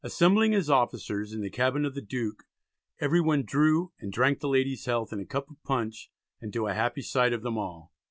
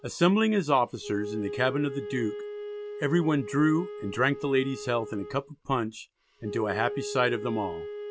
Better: first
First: none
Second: background sound (Wind instrument, woodwind instrument); 10 dB below the speech

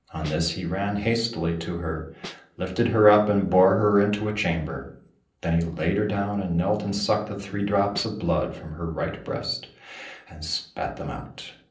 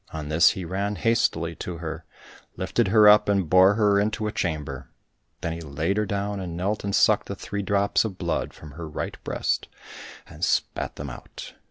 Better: second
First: noise reduction (neural separator model SepFormer DNS4)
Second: none

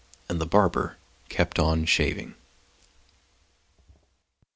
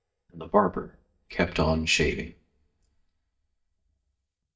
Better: first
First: none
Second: noise reduction (neural mask model DeepFilterNet 3)

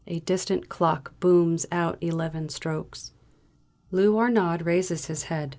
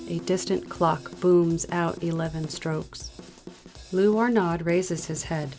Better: first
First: none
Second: background sound (Drum / Drum kit + Guitar); 17 dB below the speech

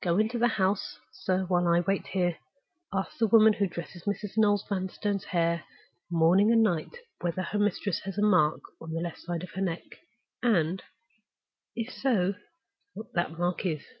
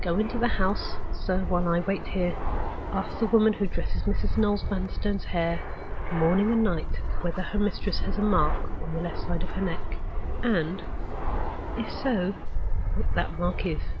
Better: first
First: none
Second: background sound (Fixed-wing aircraft, airplane); 2 dB above the speech

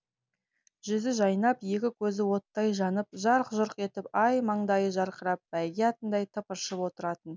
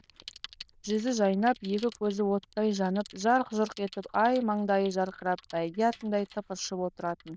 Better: first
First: none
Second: noise reduction (neural diffusion model UNIVERSE++)

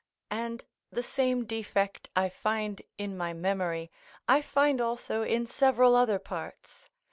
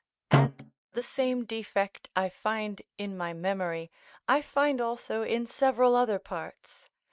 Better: first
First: none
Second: noise reduction (neural mask model RNNoise)

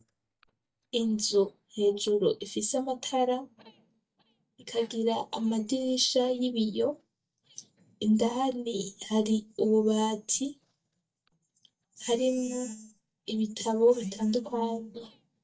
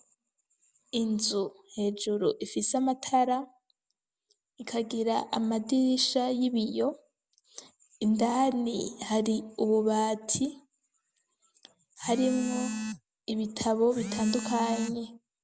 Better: second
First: noise reduction (neural mask model DeepFilterNet 3)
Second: none

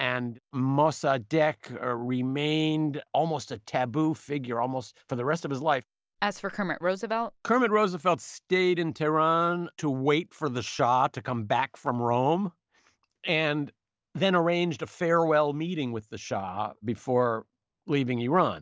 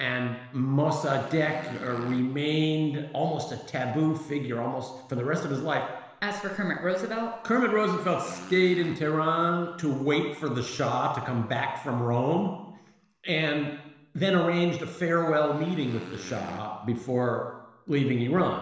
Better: first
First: none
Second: background sound (Motorcycle); 19 dB below the speech // room echo; dies away in 1.1 s

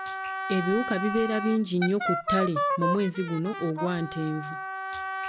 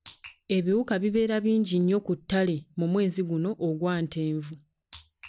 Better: second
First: background sound (Wind instrument, woodwind instrument); 3 dB below the speech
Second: none

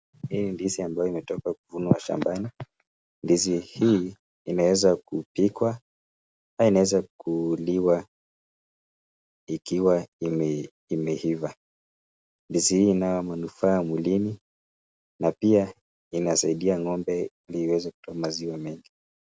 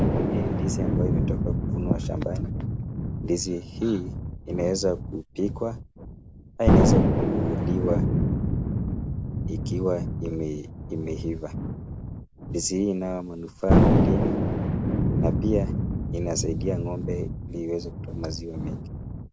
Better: first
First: none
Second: background sound (Thunder); 5 dB above the speech

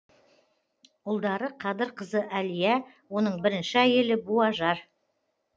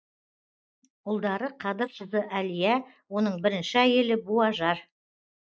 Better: first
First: none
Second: noise reduction (neural mask model Resemble Enhance denoiser)

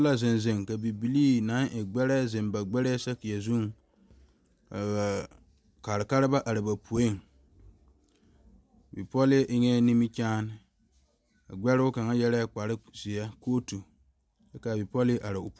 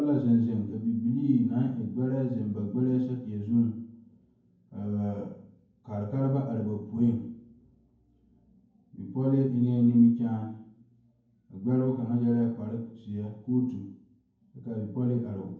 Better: first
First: none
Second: room echo; dies away in 0.9 s

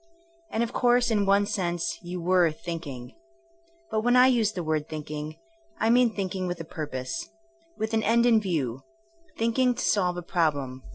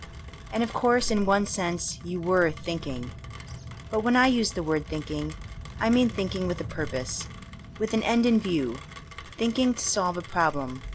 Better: first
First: none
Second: background sound (Rain); 13 dB below the speech

